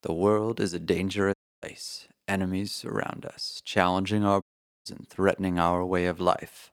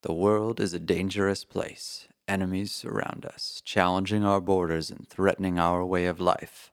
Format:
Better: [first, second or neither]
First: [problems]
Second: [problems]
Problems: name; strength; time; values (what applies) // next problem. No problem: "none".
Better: second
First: audio cutting out; at 1.5 s and at 4.5 s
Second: none